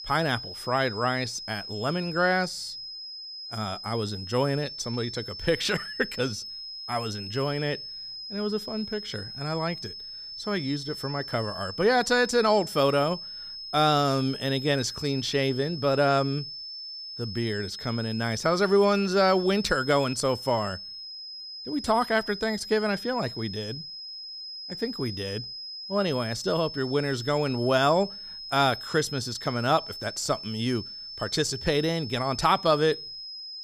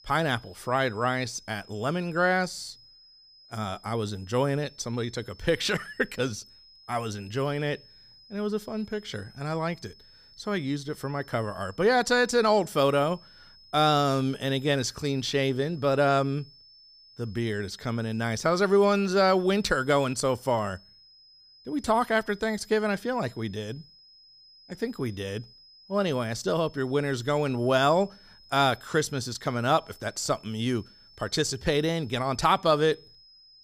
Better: second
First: high-pitched whine; loud; throughout; 5.5 kHz, 9 dB below the speech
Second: high-pitched whine; faint; throughout; 5.5 kHz, 25 dB below the speech

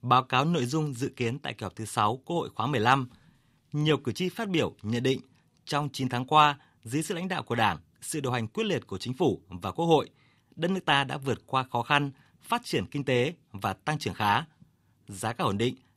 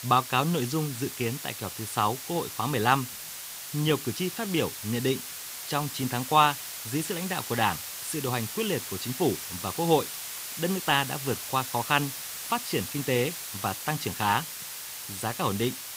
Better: first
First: none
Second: hiss; loud; throughout; 7 dB below the speech

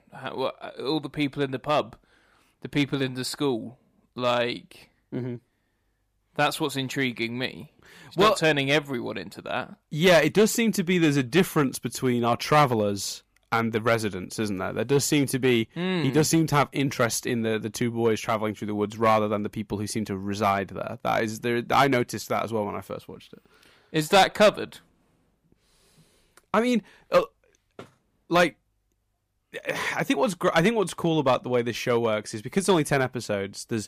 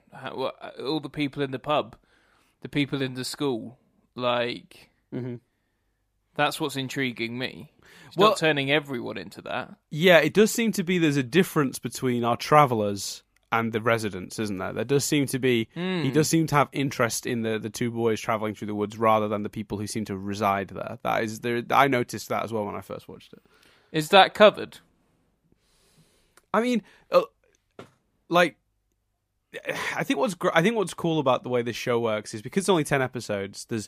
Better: second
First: distortion; slight; 1.4% of the sound clipped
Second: none

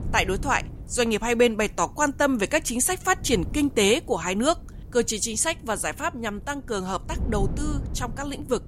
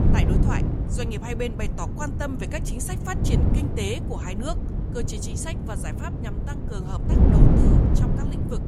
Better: first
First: wind noise on the microphone; occasional gusts; 25 dB below the speech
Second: wind noise on the microphone; heavy; as loud as the speech

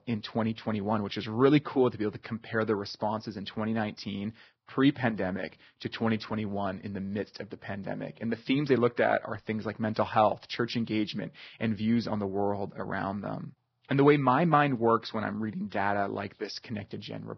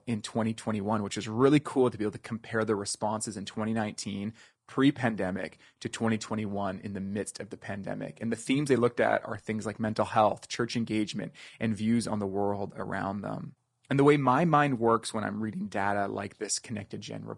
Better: second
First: garbled, watery; badly; nothing above 5.5 kHz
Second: garbled, watery; slightly; nothing above 10 kHz

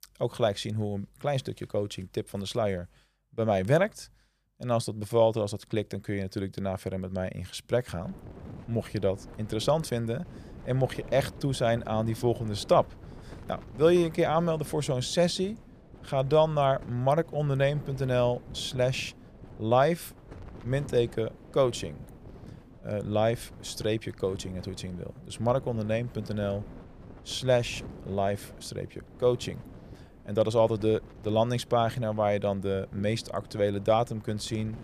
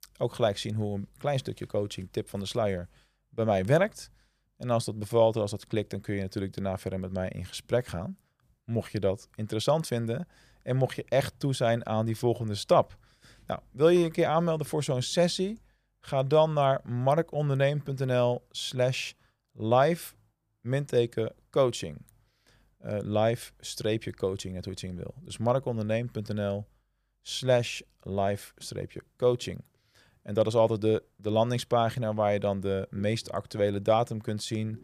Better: second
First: wind noise on the microphone; occasional gusts; from 8 s on; 25 dB below the speech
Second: none

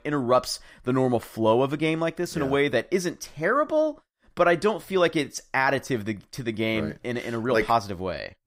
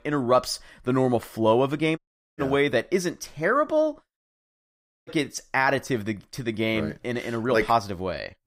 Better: first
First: none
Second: audio cutting out; at 2 s and at 4 s for 1 s

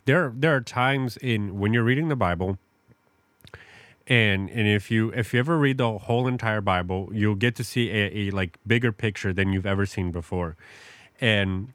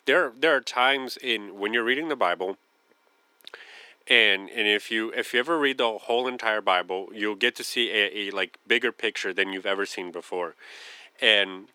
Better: first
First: none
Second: thin; very; fading below 350 Hz

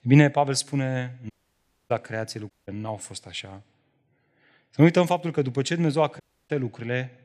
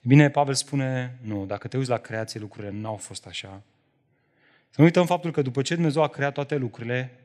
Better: second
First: audio cutting out; at 1.5 s for 0.5 s, at 2.5 s and at 6 s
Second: none

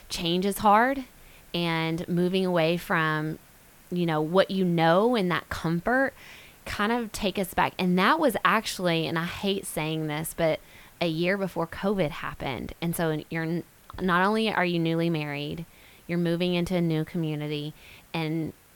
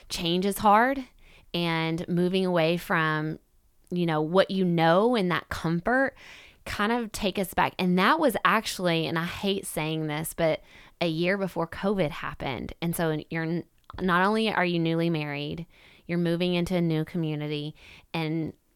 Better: second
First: hiss; faint; throughout; 25 dB below the speech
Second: none

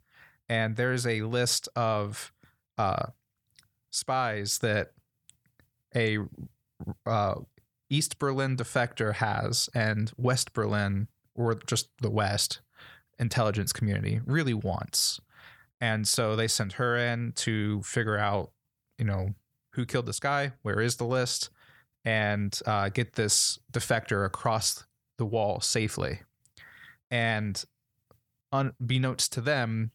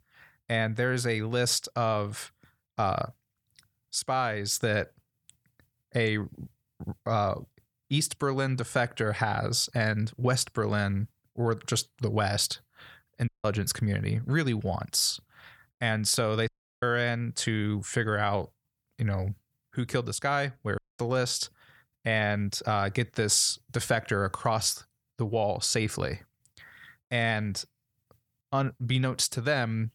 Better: first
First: none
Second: audio cutting out; at 13 s, at 16 s and at 21 s

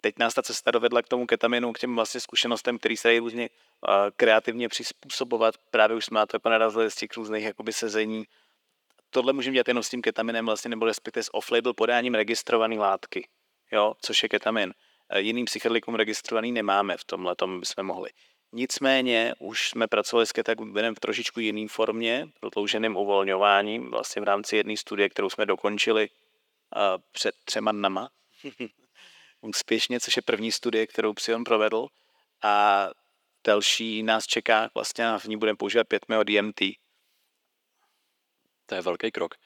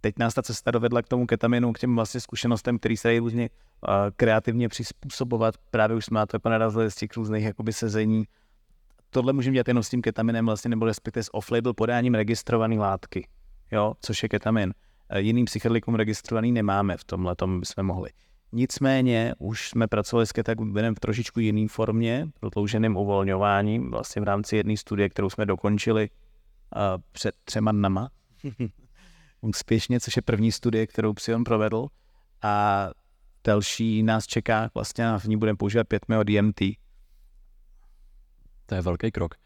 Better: second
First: thin; somewhat; fading below 350 Hz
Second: none

